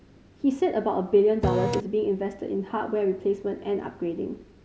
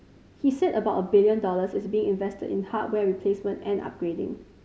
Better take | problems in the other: second | background sound (Printer); 1 dB above the speech

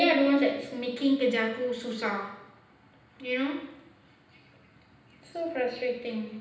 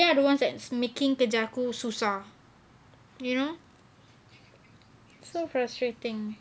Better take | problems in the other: second | room echo; dies away in 0.9 s

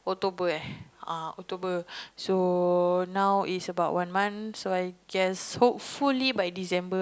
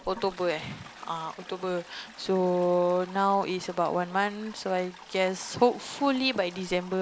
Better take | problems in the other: first | background sound (Toilet flush); 19 dB below the speech

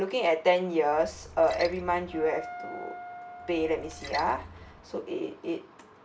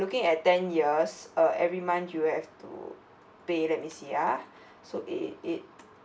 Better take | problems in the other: second | background sound (Splash, splatter + Wind instrument, woodwind instrument); 13 dB below the speech

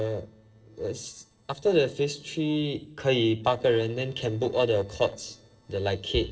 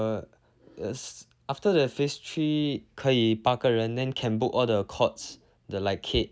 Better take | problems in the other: second | noise reduction (neural separator model SepFormer DNS4)

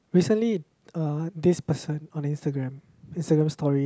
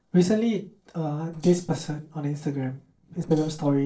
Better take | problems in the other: first | noise reduction (neural separator model SepFormer DNS4)

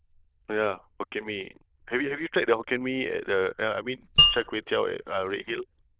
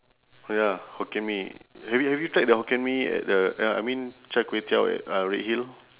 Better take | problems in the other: second | noise reduction (neural diffusion model UNIVERSE++)

